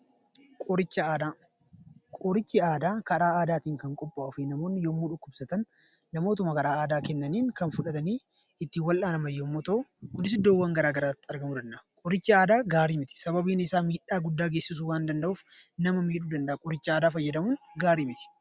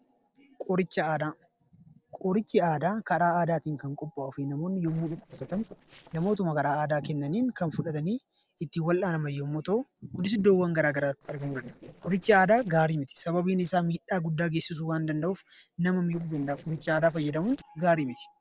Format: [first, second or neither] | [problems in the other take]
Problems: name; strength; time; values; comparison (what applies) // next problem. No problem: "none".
first | noise reduction (neural separator model SepFormer DNS4)